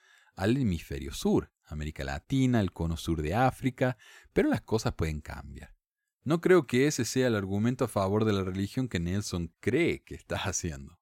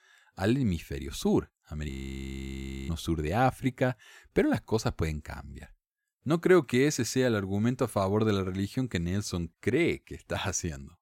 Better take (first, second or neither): first